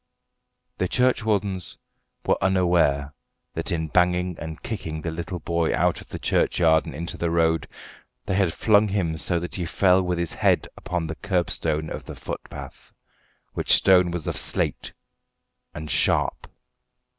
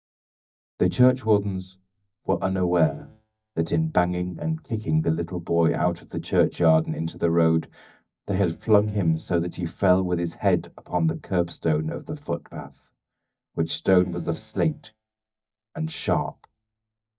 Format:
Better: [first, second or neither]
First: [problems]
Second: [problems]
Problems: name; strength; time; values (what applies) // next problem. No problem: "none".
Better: first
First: none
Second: noise reduction (neural mask model DeepFilterNet 3)